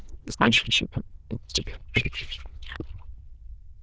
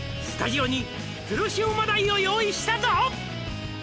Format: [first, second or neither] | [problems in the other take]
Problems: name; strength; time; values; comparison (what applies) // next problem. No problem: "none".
second | noise reduction (neural diffusion model UNIVERSE++)